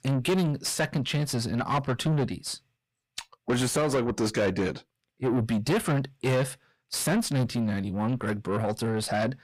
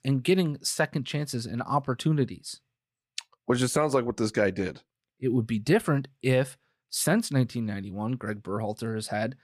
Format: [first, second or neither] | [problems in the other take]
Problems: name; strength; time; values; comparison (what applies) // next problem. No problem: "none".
second | distortion; heavy; 7 dB below the speech